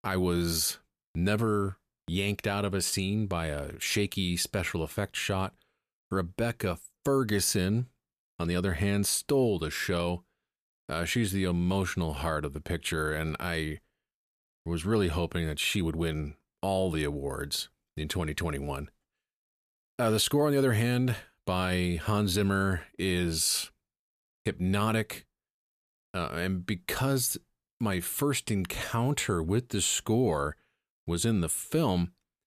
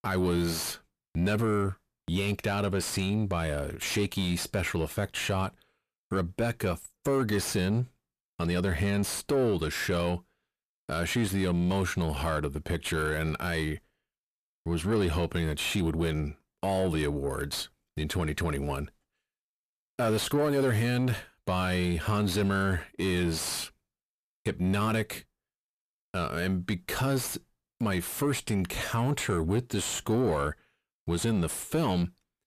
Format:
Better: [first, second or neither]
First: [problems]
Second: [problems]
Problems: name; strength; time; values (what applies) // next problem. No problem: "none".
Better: first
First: none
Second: distortion; slight; 10 dB below the speech